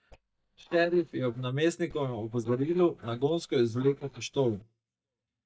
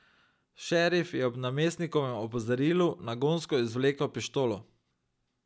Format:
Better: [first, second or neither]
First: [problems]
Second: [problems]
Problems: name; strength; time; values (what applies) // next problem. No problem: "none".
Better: second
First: noise reduction (neural mask model DeepFilterNet 3)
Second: none